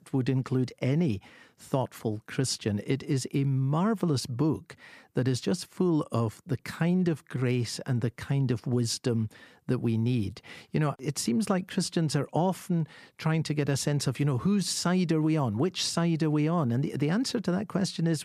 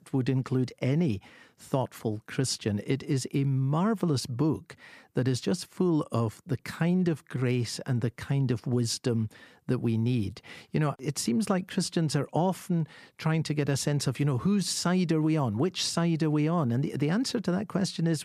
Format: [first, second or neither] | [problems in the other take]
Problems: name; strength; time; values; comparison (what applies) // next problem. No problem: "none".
neither | none